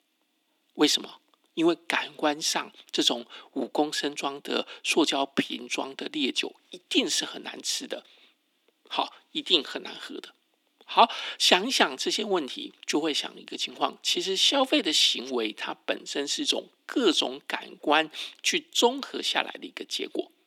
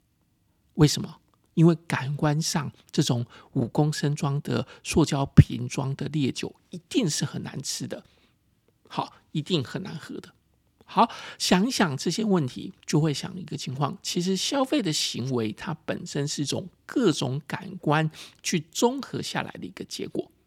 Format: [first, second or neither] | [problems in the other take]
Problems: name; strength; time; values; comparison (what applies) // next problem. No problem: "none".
second | thin; somewhat; fading below 250 Hz